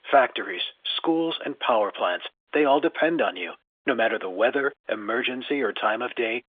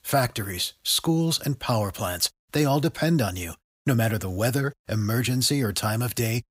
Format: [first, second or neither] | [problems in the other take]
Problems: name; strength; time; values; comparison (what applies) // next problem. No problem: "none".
second | phone-call audio; nothing above 3.5 kHz